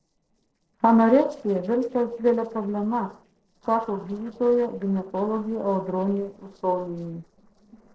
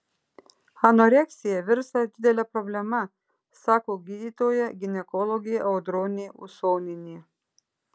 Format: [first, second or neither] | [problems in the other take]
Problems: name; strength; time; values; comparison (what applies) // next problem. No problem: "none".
second | noise reduction (neural separator model SepFormer DNS4)